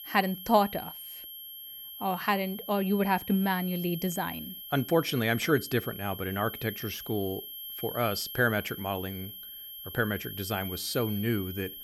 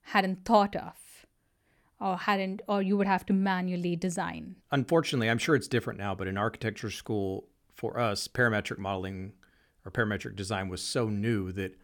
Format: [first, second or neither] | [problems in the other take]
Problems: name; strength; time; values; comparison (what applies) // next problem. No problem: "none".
second | high-pitched whine; loud; throughout; 11.5 kHz, 9 dB below the speech